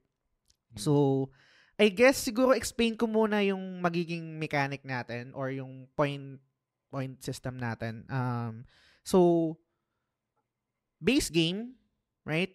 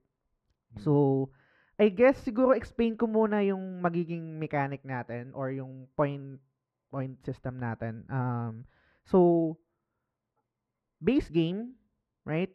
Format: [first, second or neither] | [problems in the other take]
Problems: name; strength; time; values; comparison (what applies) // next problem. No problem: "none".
first | muffled; very; fading above 3.5 kHz